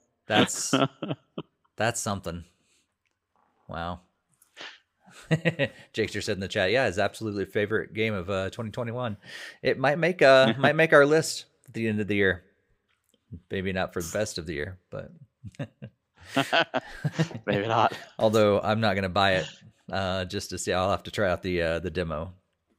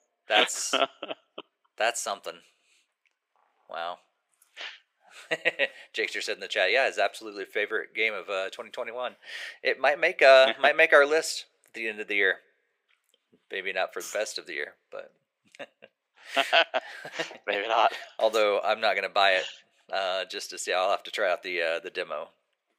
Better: first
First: none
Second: thin; very; fading below 400 Hz

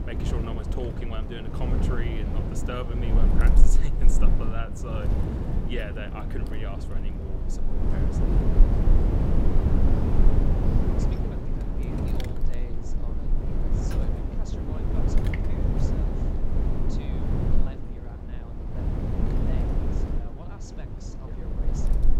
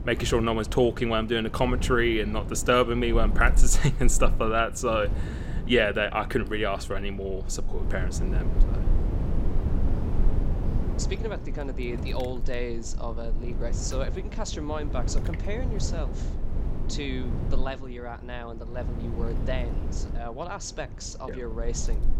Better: second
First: wind noise on the microphone; heavy; 4 dB above the speech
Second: wind noise on the microphone; occasional gusts; 15 dB below the speech

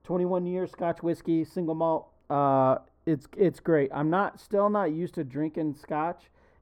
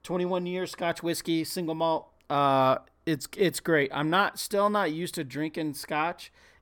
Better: second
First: muffled; very; fading above 2 kHz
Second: none

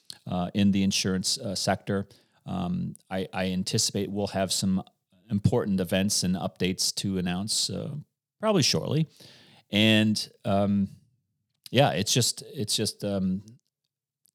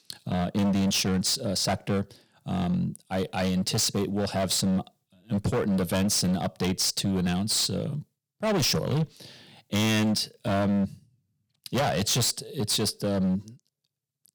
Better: first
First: none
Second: distortion; heavy; 17% of the sound clipped

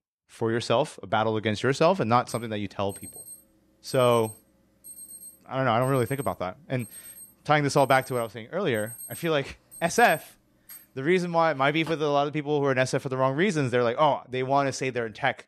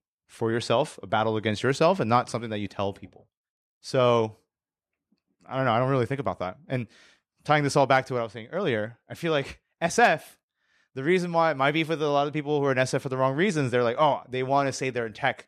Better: second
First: alarm; faint; from 2.5 to 12 s; peak 15 dB below the speech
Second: none

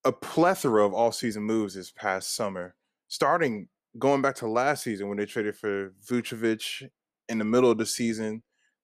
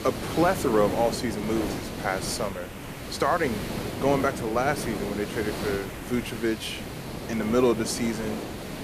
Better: first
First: none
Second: hiss; loud; throughout; 6 dB below the speech

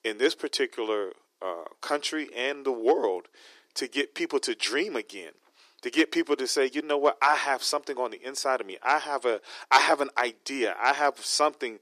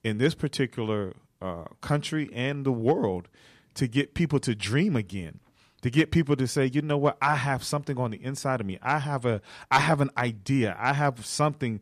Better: second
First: thin; very; fading below 350 Hz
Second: none

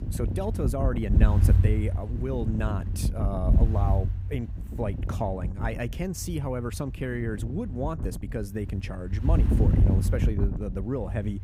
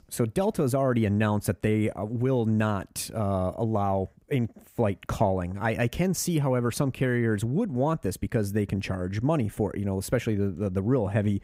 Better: second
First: wind noise on the microphone; heavy; 5 dB below the speech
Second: none

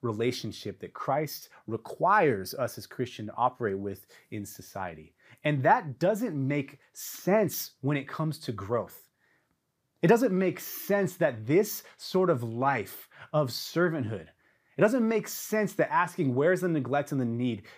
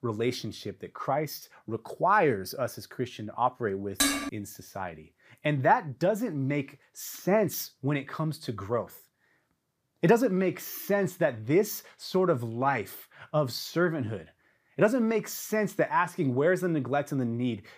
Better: first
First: none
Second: clattering dishes; loud; at 4 s; peak 3 dB above the speech

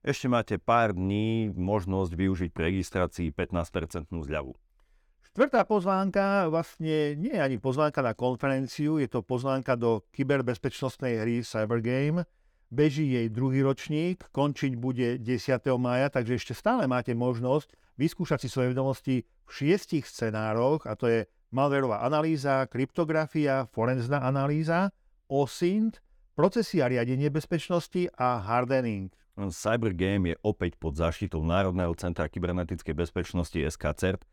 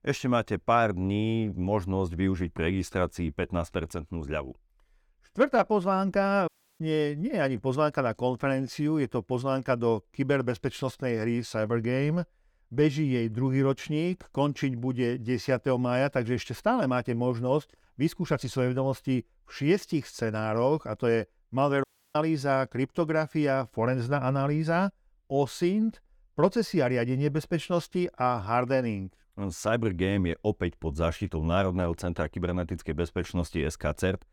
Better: first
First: none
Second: audio cutting out; at 6.5 s and at 22 s

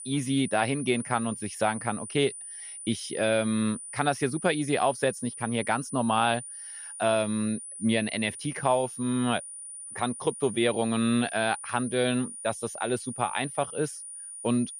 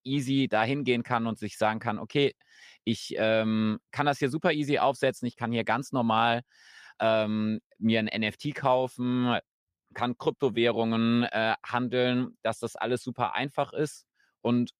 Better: second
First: high-pitched whine; loud; throughout; 9.5 kHz, 10 dB below the speech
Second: none

